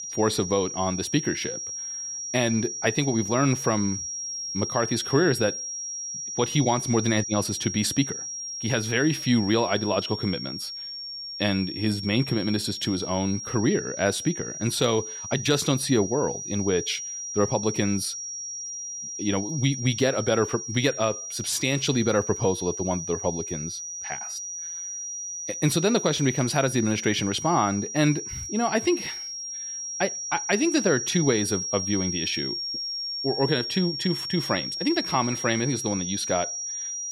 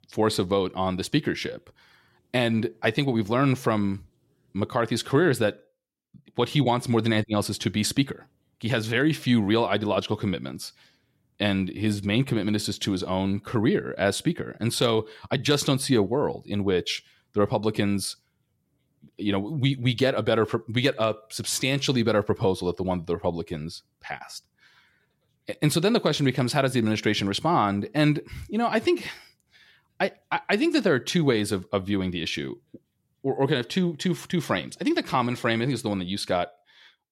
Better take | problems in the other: second | high-pitched whine; loud; throughout; 5.5 kHz, 5 dB below the speech

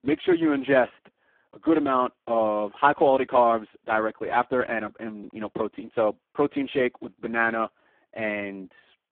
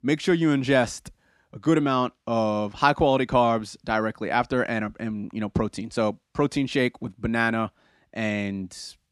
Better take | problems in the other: second | phone-call audio; poor line

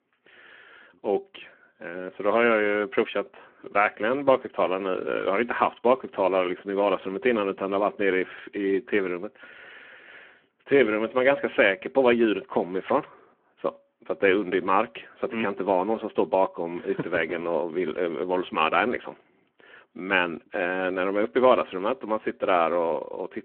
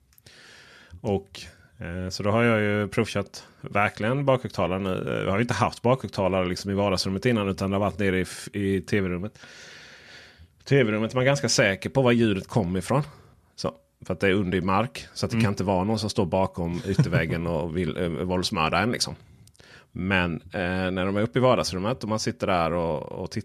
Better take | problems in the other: second | phone-call audio

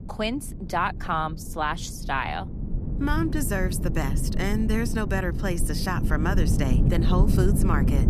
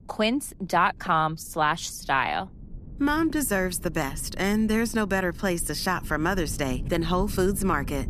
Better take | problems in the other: second | wind noise on the microphone; heavy; 8 dB below the speech; occasional gusts in the second

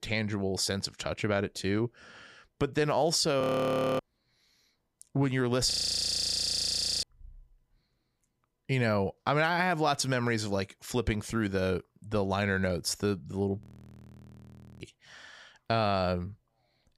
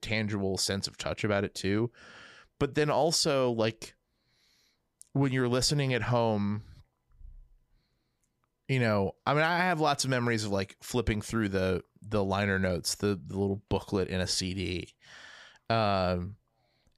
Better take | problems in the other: second | audio freezing; at 3.5 s for 0.5 s, at 5.5 s for 1.5 s and at 14 s for 1 s

